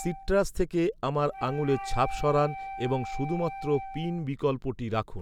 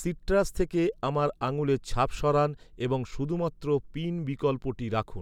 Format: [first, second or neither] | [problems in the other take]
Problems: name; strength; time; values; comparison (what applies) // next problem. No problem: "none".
second | background sound (Wind instrument, woodwind instrument); 12 dB below the speech